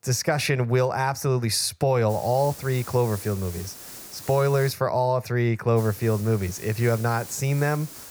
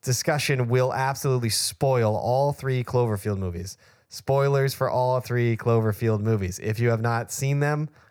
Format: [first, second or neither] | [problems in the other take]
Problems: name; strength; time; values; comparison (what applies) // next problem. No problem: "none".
second | hiss; noticeable; from 2 to 4.5 s and from 6 s on; 15 dB below the speech